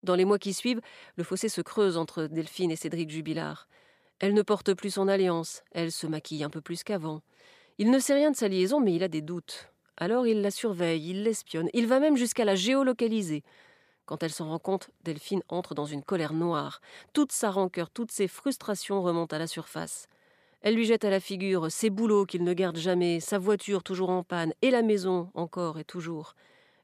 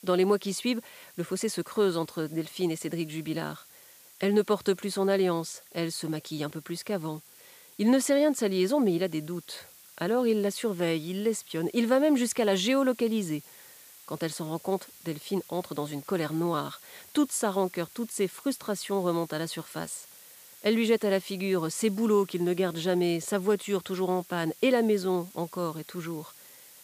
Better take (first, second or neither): first